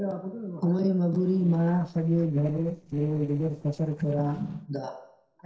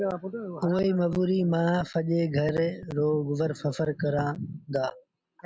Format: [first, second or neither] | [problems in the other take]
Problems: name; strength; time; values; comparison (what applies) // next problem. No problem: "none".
second | noise reduction (neural separator model SepFormer DNS4)